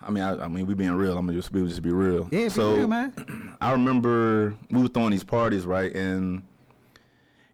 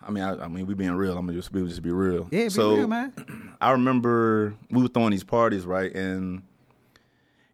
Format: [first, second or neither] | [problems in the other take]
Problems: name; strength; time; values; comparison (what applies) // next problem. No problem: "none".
second | distortion; slight; 10 dB below the speech